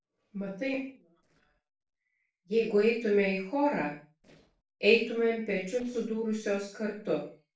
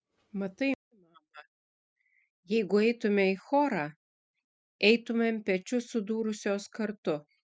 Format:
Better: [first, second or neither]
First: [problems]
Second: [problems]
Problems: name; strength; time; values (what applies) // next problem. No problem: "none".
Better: second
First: noise reduction (neural separator model SepFormer DNS4)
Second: none